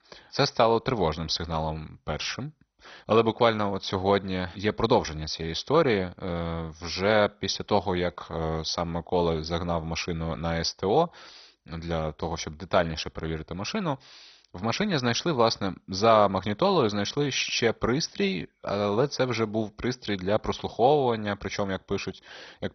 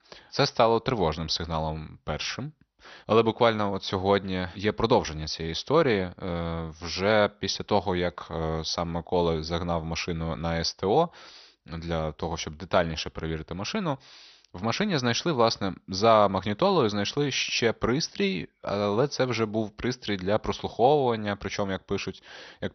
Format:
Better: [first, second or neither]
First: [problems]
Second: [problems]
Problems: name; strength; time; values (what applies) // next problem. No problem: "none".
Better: second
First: garbled, watery; badly; nothing above 6 kHz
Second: garbled, watery; slightly; nothing above 6 kHz